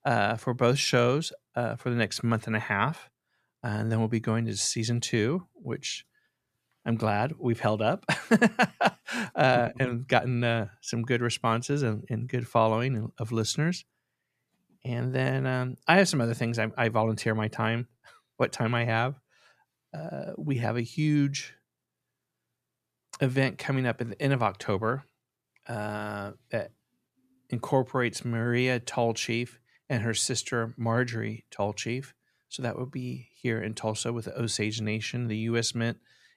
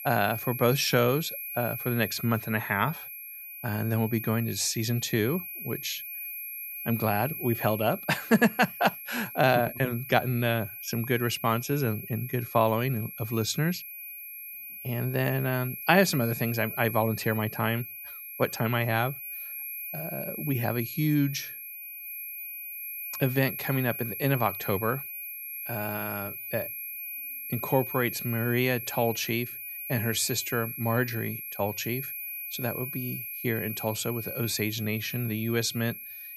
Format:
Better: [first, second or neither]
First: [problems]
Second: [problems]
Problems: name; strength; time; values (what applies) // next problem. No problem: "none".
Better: first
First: none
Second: high-pitched whine; loud; throughout; 11.5 kHz, 7 dB below the speech